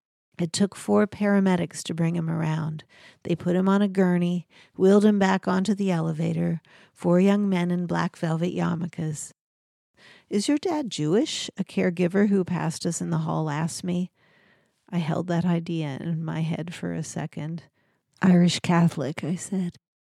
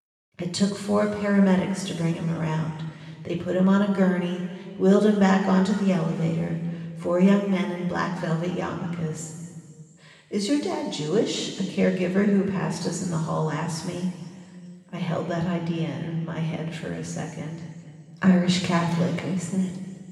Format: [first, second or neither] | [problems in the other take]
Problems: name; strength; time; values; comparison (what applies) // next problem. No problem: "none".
first | room echo; noticeable; dies away in 2 s // off-mic speech; somewhat distant